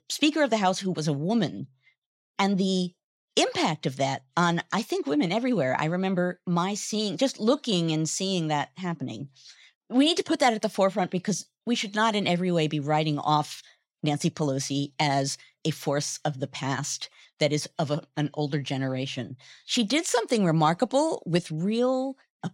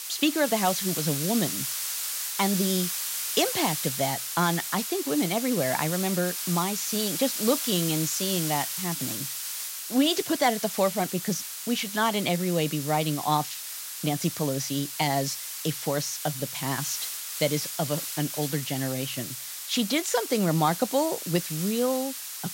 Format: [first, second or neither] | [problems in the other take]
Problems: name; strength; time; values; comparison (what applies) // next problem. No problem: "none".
first | hiss; loud; throughout; 3 dB below the speech